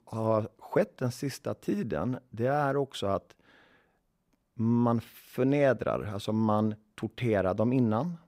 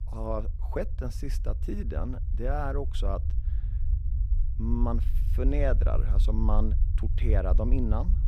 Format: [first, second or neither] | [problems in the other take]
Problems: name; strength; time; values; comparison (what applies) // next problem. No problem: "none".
first | low rumble; noticeable; throughout; 15 dB below the speech